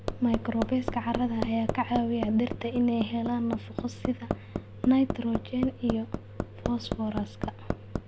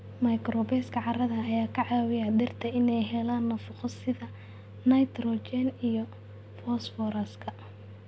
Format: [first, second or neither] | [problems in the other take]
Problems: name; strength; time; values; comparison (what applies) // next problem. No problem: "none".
second | background sound (Hammer); 7 dB below the speech